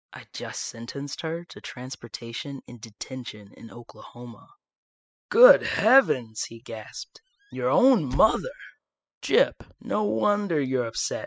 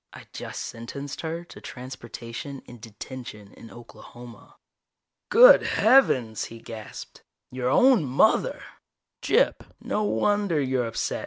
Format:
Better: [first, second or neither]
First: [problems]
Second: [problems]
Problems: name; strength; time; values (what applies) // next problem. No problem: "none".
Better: second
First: noise reduction (classical method spectral subtraction)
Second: none